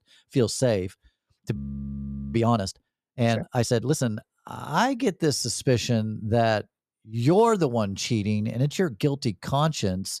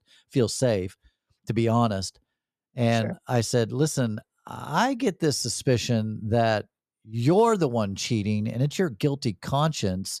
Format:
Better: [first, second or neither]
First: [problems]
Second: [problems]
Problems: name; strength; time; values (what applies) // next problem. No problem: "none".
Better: second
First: audio freezing; at 1.5 s for 1 s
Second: none